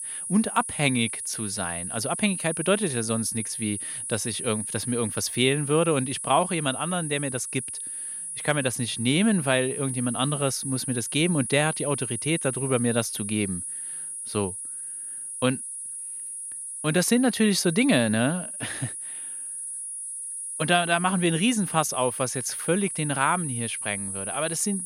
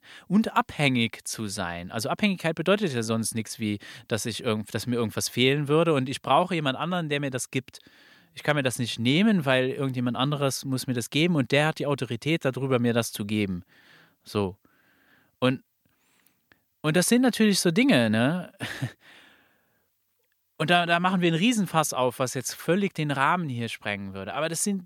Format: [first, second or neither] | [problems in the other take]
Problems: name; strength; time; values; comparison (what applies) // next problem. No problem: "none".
second | high-pitched whine; loud; throughout; 10.5 kHz, 5 dB below the speech